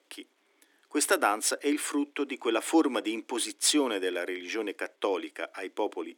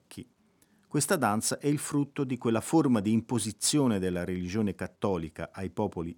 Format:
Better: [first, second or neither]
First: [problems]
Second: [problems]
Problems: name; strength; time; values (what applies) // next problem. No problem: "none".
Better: second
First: thin; somewhat; fading below 300 Hz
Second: none